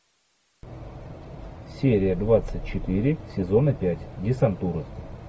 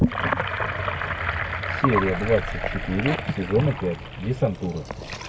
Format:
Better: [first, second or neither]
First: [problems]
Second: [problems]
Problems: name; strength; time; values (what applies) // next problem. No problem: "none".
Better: first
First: none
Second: background sound (Sink (filling or washing) / Gurgling); 1 dB below the speech